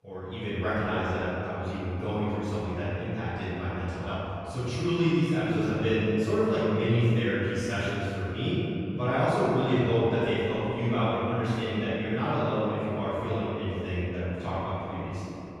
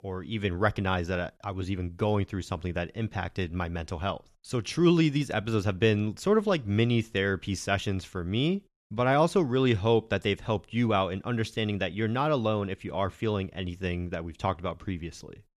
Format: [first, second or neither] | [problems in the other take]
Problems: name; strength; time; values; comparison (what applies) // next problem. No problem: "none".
second | room echo; strong; dies away in 2.8 s // off-mic speech; far